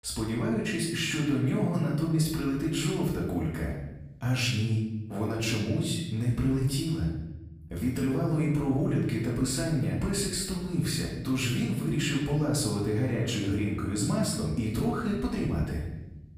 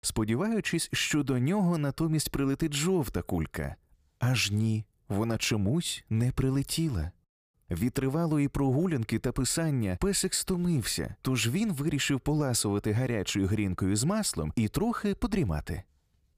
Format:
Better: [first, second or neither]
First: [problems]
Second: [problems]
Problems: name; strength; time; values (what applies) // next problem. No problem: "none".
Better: second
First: off-mic speech; far // room echo; noticeable; dies away in 0.9 s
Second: none